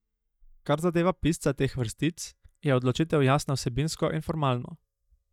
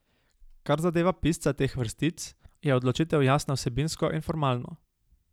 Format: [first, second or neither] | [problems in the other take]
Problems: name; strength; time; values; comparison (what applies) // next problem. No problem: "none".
second | noise reduction (neural mask model DeepFilterNet 3)